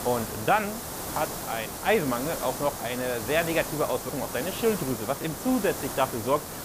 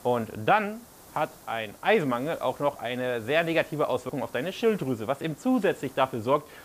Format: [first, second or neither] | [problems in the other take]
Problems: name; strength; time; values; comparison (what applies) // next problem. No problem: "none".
second | hiss; loud; throughout; 6 dB below the speech; faint in the second